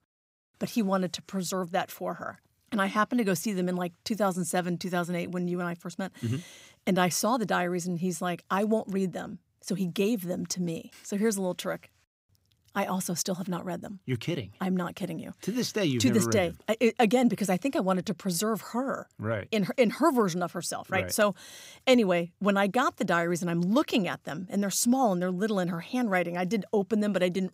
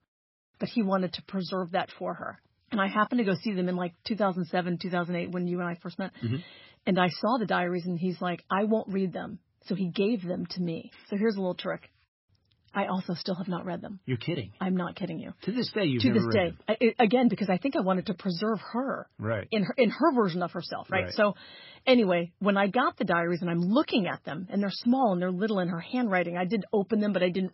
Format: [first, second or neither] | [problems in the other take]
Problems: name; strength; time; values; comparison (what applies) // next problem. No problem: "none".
first | garbled, watery; badly; nothing above 5.5 kHz